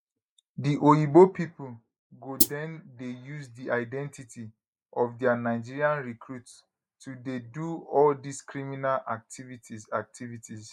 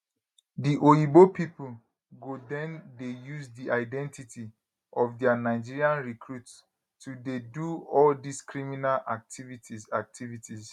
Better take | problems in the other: second | noise reduction (neural mask model Resemble Enhance denoiser)

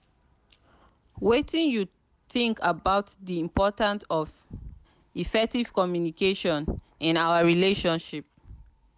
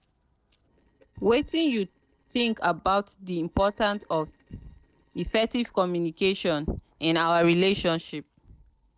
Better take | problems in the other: first | noise reduction (neural separator model SepFormer DNS4)

